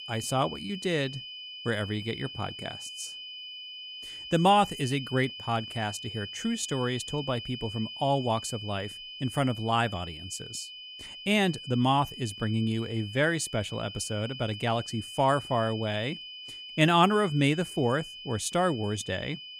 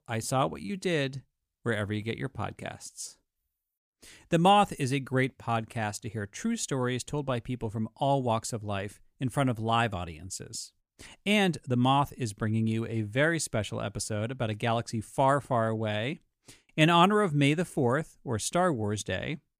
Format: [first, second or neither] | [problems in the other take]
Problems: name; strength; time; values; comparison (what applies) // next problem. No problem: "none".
second | high-pitched whine; noticeable; throughout; 3 kHz, 10 dB below the speech